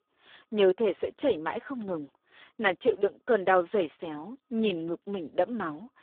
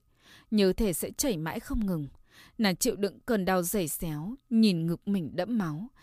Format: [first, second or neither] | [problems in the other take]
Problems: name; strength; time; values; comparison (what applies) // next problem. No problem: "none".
second | phone-call audio; poor line